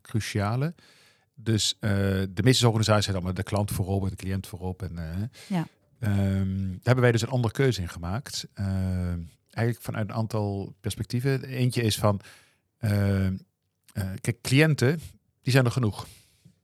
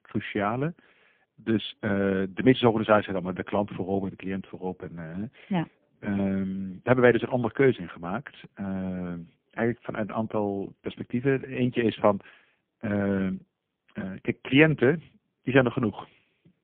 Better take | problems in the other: first | phone-call audio; poor line; nothing above 3.5 kHz

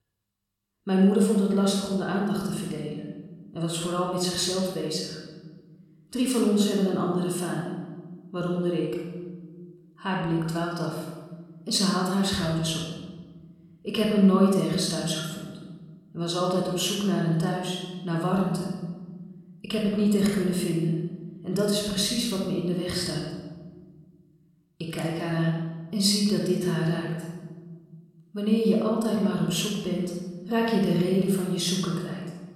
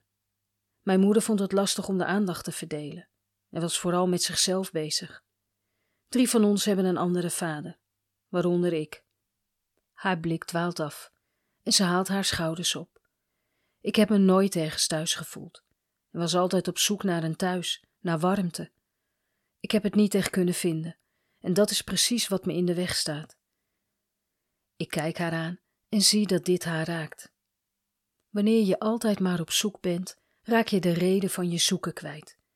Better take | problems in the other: second | off-mic speech; far // room echo; noticeable; dies away in 1.3 s

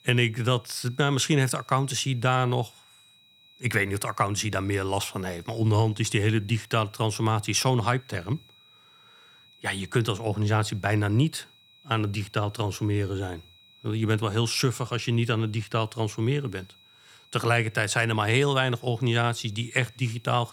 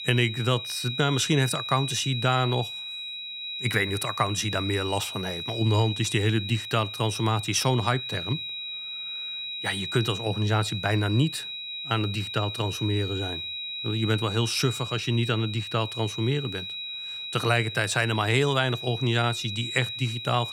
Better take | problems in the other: first | high-pitched whine; loud; throughout; 4 kHz, 6 dB below the speech; faint in the first

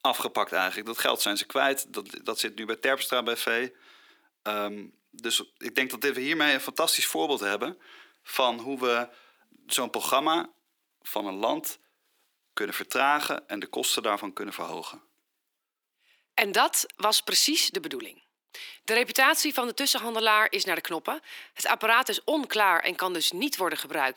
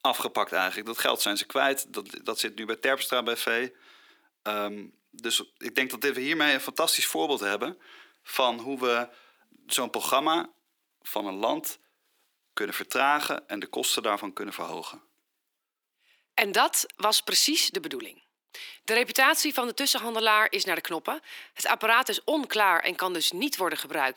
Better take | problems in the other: neither | thin; somewhat; fading below 350 Hz; the same in both

